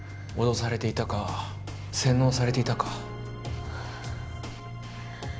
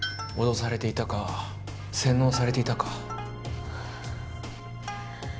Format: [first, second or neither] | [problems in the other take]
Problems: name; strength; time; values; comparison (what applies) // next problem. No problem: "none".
first | background sound (Plucked string instrument + Tools); 14 dB below the speech